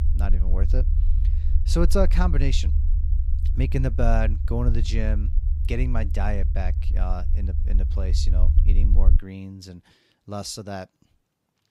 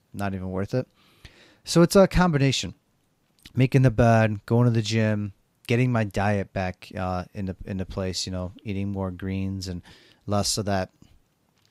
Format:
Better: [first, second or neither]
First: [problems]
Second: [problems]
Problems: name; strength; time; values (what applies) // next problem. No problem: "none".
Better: second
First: low rumble; noticeable; until 9 s; 10 dB below the speech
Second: none